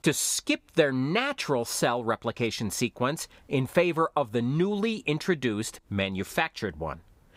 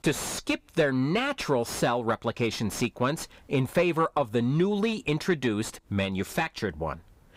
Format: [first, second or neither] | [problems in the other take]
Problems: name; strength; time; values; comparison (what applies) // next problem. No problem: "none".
first | distortion; slight; 10 dB below the speech